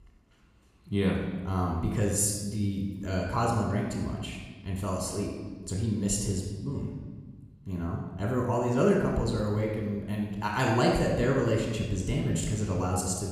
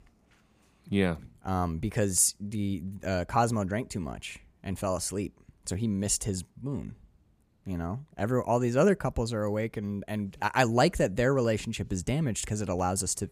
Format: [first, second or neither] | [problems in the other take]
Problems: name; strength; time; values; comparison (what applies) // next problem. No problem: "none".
second | off-mic speech; somewhat distant // room echo; noticeable; dies away in 1.2 s